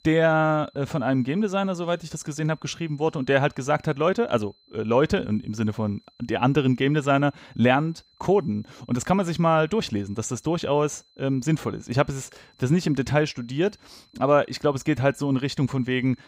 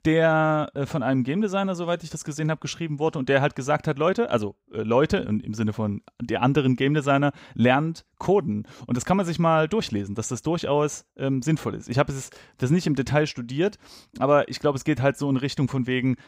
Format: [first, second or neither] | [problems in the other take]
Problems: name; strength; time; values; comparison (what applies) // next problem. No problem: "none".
second | high-pitched whine; faint; throughout; 4 kHz, 35 dB below the speech